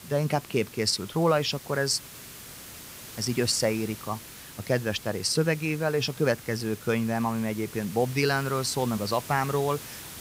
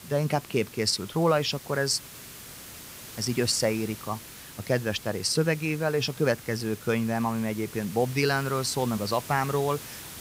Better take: neither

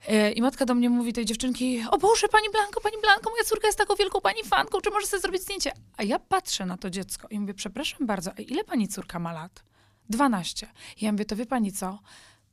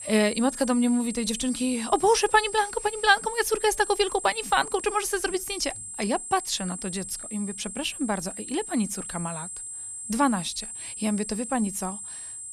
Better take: first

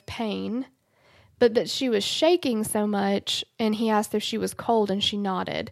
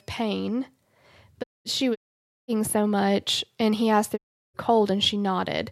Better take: first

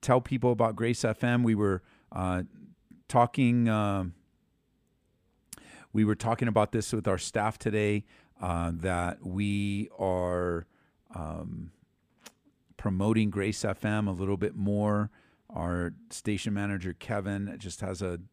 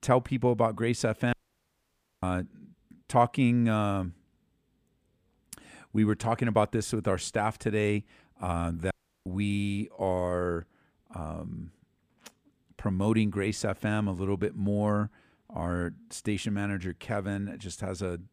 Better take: first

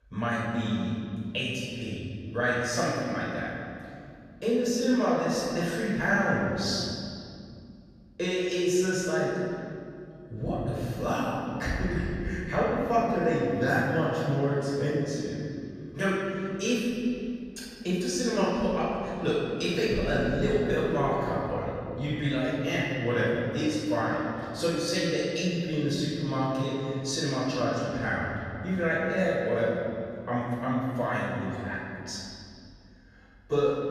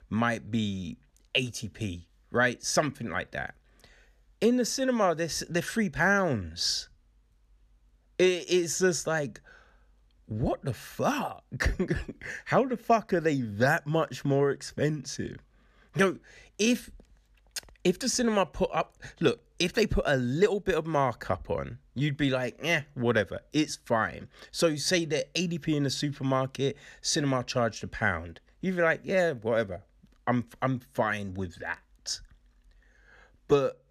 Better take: second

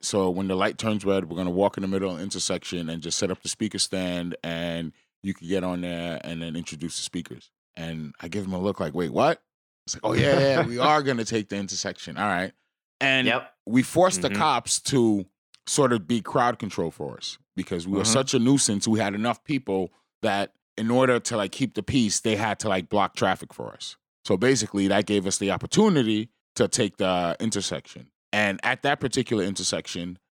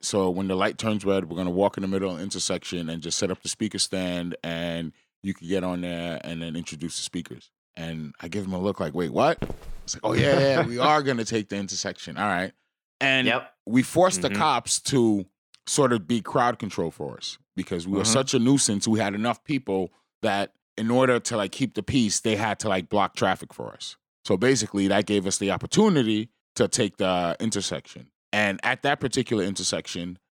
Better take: first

